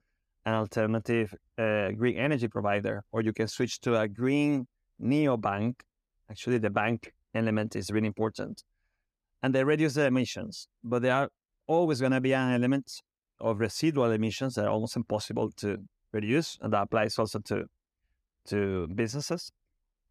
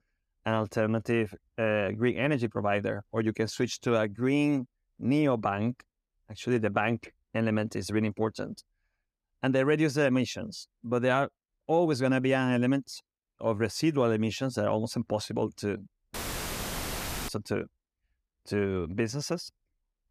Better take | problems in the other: first | audio cutting out; filled with static; at 16 s for 1 s

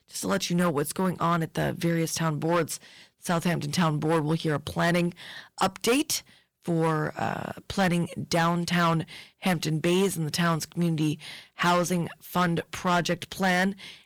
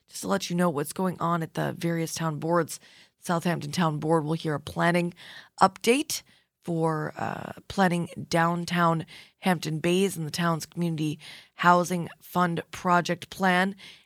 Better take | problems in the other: second | distortion; heavy; 7% of the sound clipped

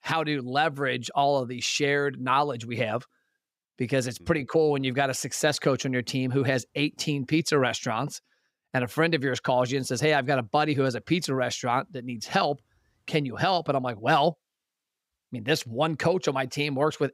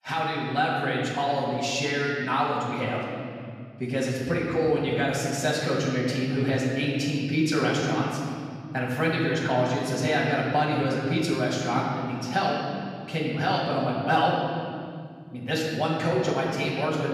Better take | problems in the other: first | off-mic speech; far // room echo; noticeable; dies away in 2.4 s

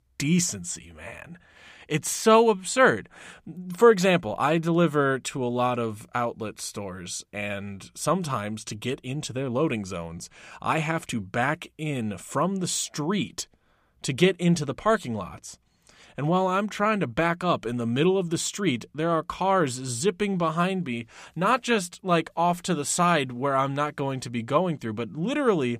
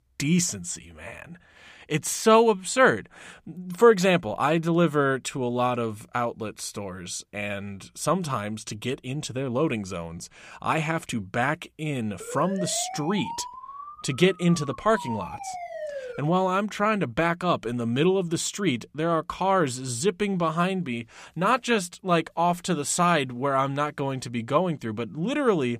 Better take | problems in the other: first | siren; noticeable; from 12 to 16 s; peak 9 dB below the speech

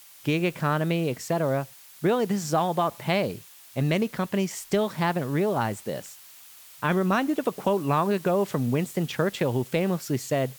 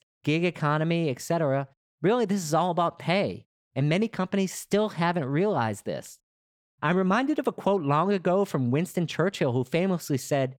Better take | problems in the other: second | hiss; noticeable; throughout; 20 dB below the speech

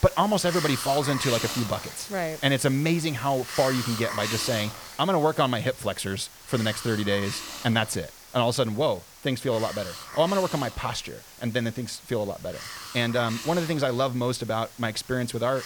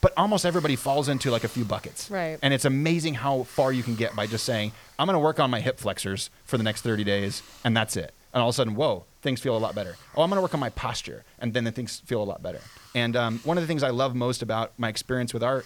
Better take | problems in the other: second | hiss; loud; throughout; 9 dB below the speech; faint in the second

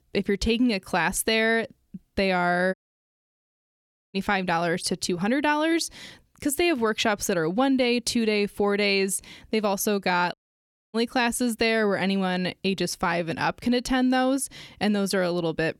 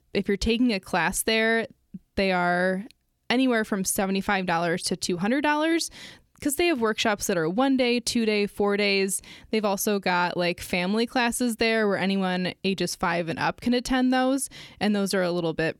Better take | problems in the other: second | audio cutting out; at 2.5 s for 1.5 s and at 10 s for 0.5 s

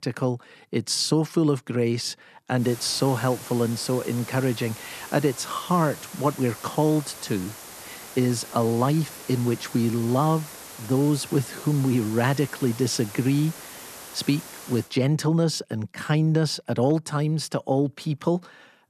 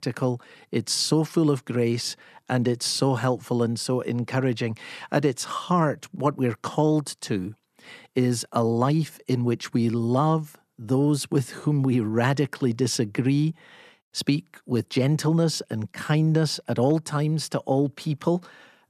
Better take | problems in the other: second | hiss; noticeable; from 2.5 to 15 s; 15 dB below the speech

